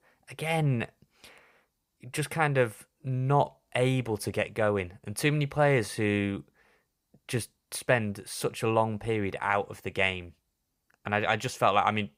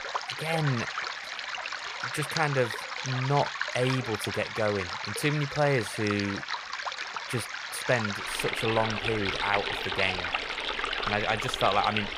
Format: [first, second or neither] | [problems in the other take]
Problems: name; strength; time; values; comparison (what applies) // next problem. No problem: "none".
first | rain or running water; loud; throughout; 2 dB below the speech